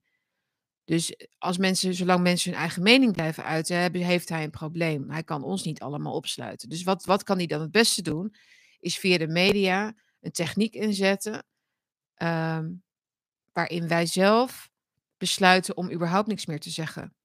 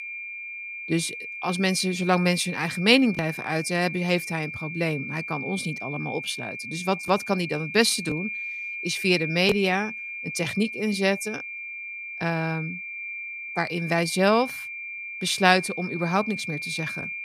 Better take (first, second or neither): first